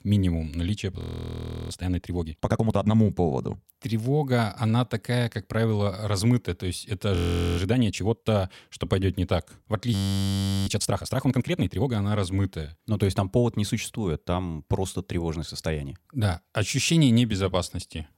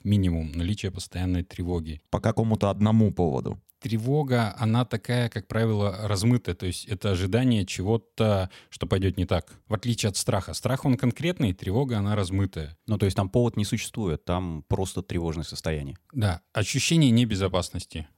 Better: second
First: audio freezing; at 1 s for 0.5 s, at 7 s and at 10 s for 0.5 s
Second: none

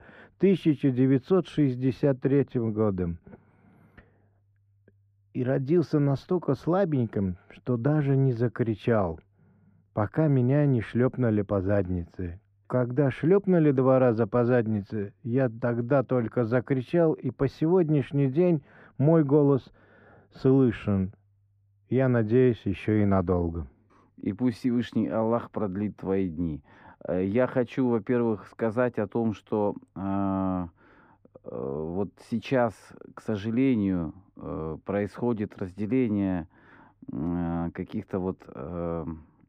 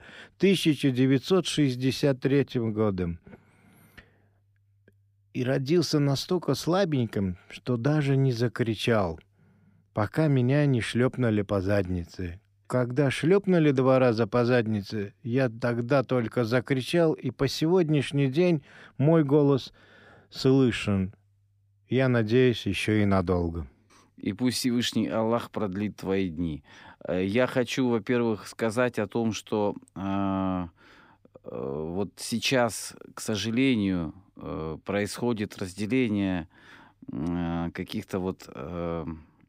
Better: second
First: muffled; very; fading above 2.5 kHz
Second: none

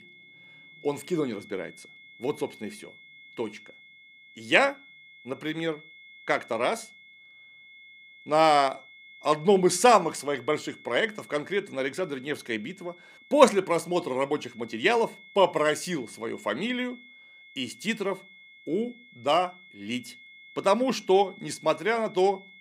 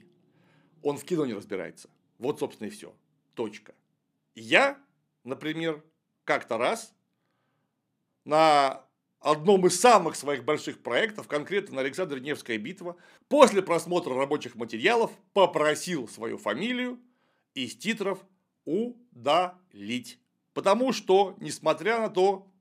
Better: second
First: high-pitched whine; faint; throughout; 2 kHz, 25 dB below the speech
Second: none

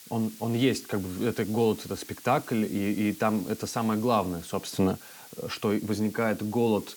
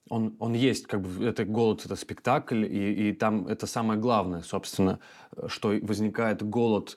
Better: second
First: hiss; noticeable; throughout; 15 dB below the speech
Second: none

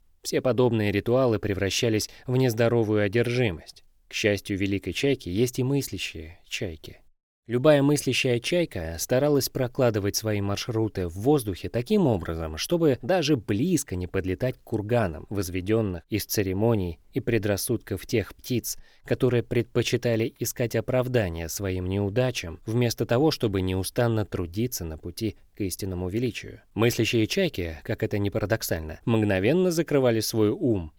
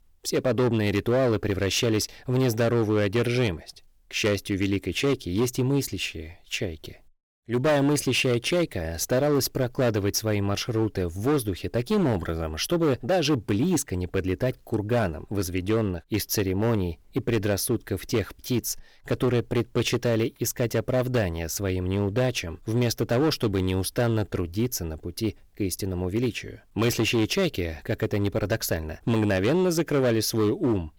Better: first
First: none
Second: distortion; slight; 8% of the sound clipped

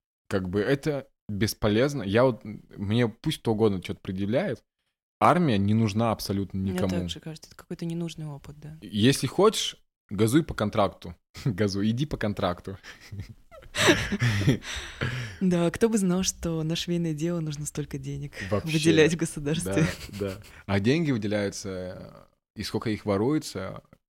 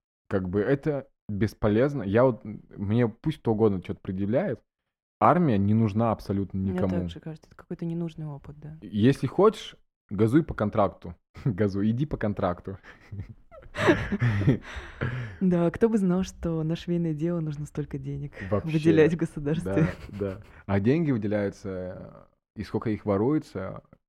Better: first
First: none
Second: muffled; very; fading above 2.5 kHz

